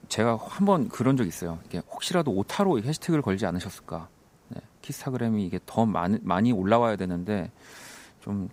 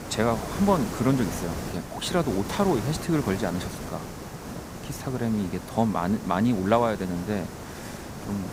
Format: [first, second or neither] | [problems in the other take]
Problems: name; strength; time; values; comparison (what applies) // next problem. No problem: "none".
first | hiss; loud; throughout; 9 dB below the speech; faint in the first